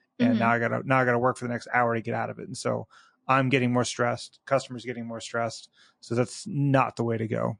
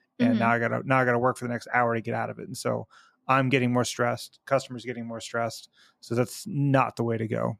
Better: second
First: garbled, watery; slightly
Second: none

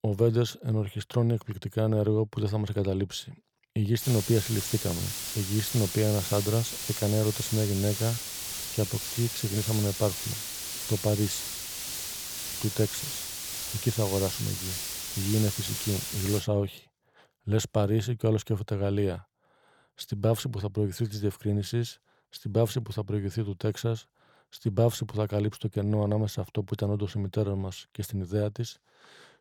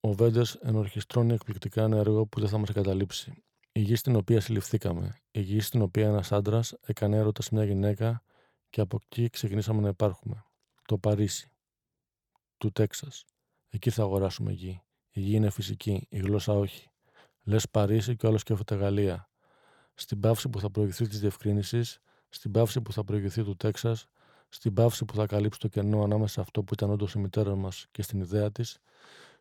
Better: second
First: hiss; loud; from 4 to 16 s; 4 dB below the speech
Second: none

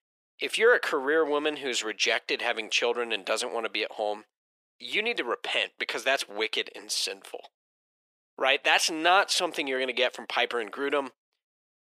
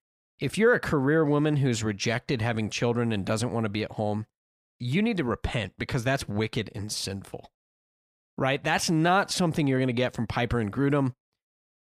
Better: second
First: thin; very; fading below 400 Hz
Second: none

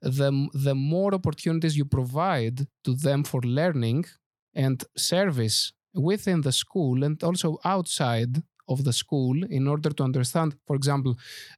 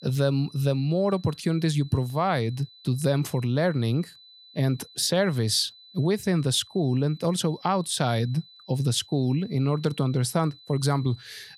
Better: first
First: none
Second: high-pitched whine; faint; throughout; 4 kHz, 25 dB below the speech

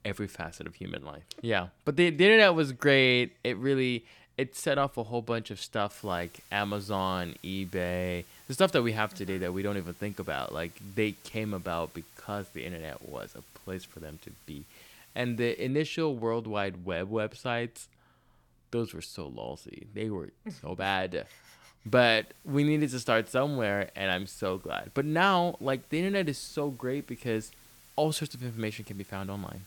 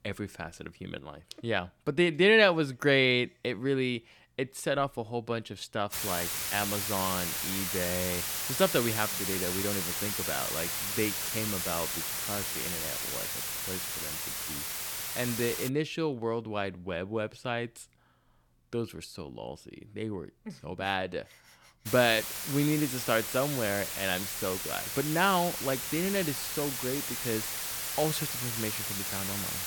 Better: first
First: hiss; faint; from 6 to 16 s and from 22 s on; 25 dB below the speech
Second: hiss; loud; from 6 to 16 s and from 22 s on; 1 dB below the speech

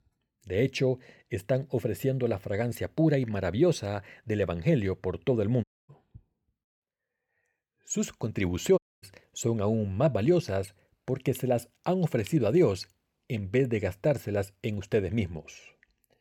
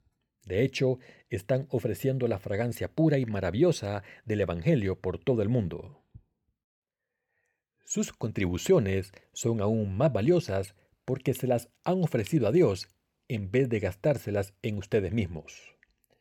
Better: second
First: audio cutting out; at 5.5 s and at 9 s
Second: none

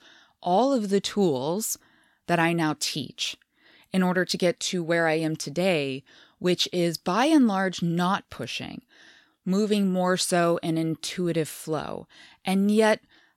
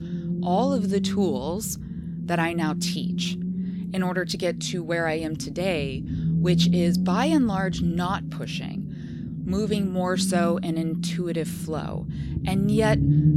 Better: first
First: none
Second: low rumble; loud; throughout; 8 dB below the speech

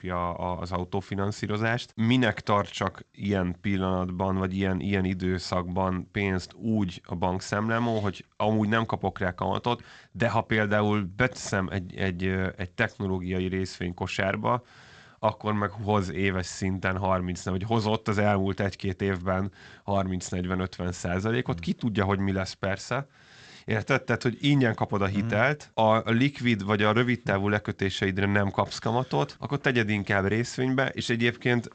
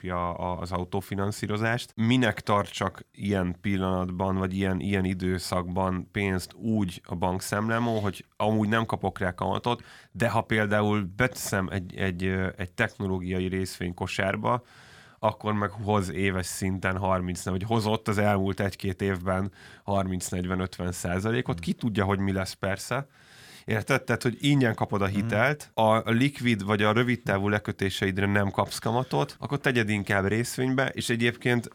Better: second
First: garbled, watery; slightly; nothing above 8 kHz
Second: none

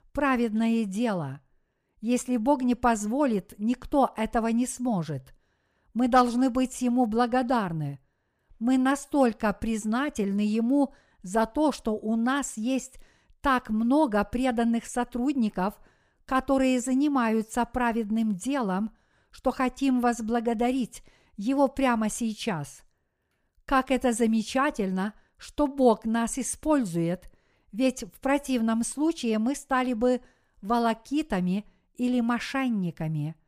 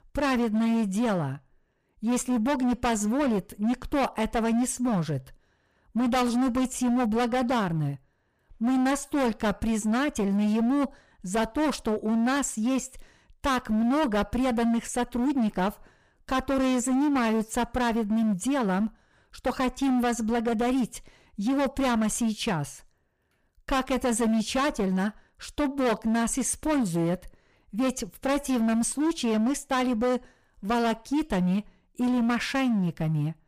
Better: first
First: none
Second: distortion; heavy; 20% of the sound clipped

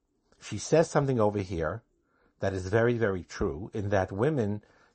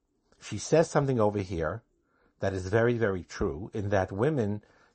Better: neither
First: garbled, watery; slightly; nothing above 8 kHz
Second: garbled, watery; slightly; nothing above 8 kHz

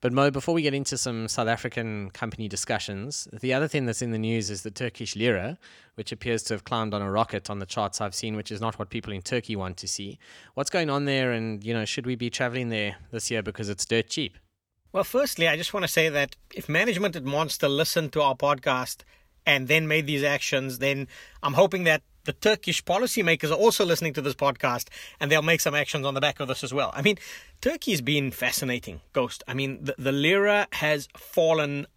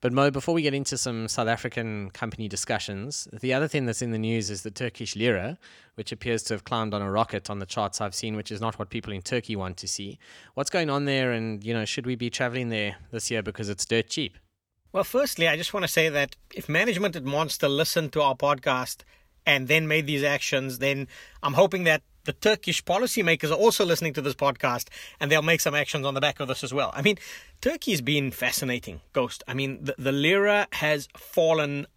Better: neither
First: none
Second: none

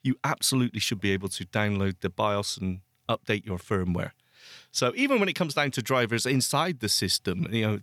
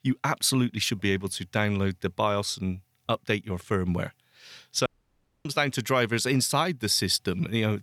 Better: first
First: none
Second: audio cutting out; at 5 s for 0.5 s

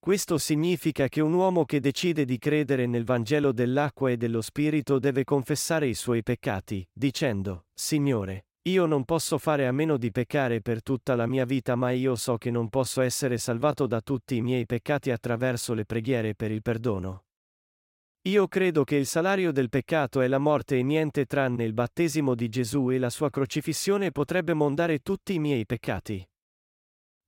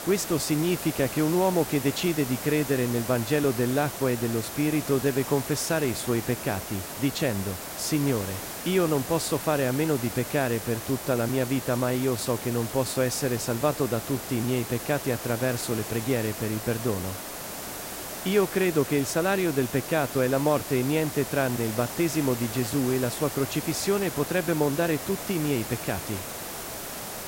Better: first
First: none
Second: hiss; loud; throughout; 8 dB below the speech

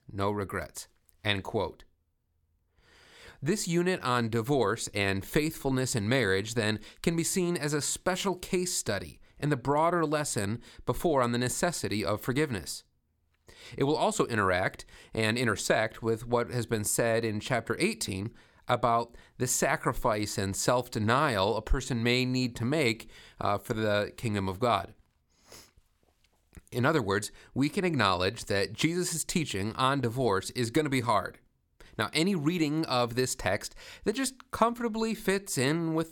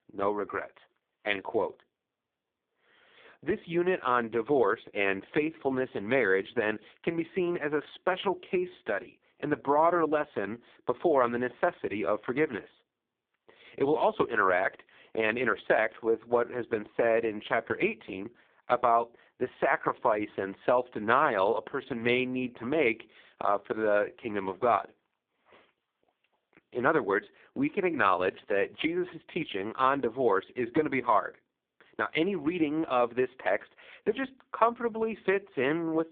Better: first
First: none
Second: phone-call audio; poor line

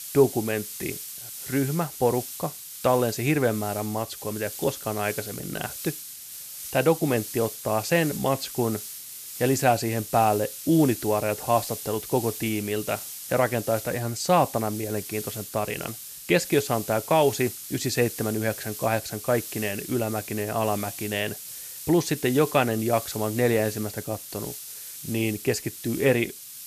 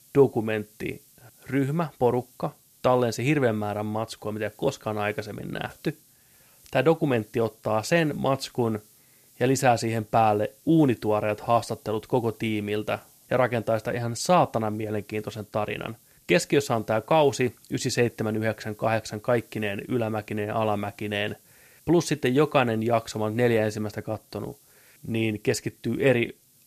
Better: second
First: hiss; loud; throughout; 9 dB below the speech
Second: hiss; faint; throughout; 30 dB below the speech

